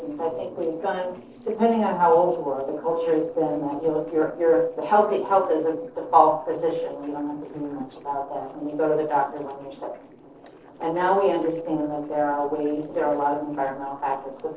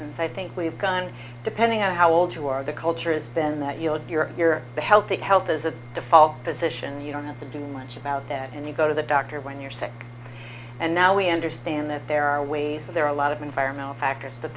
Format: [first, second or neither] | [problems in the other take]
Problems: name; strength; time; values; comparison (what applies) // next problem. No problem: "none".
second | noise reduction (neural separator model SepFormer DNS4)